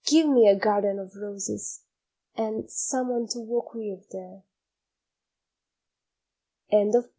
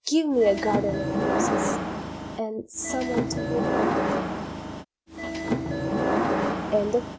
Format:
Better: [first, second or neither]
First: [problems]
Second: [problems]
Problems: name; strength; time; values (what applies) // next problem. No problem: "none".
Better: first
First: none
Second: background sound (Subway, metro, underground / Sliding door); 2 dB above the speech